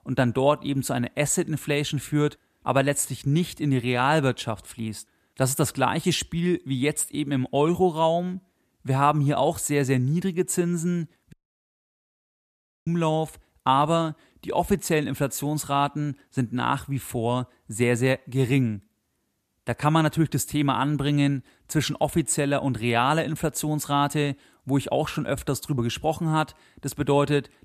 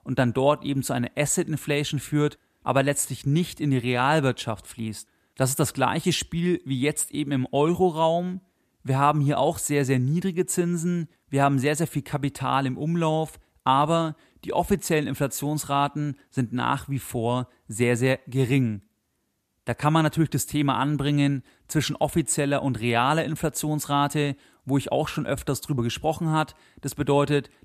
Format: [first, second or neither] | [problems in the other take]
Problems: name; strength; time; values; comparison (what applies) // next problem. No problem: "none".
second | audio cutting out; at 11 s for 1.5 s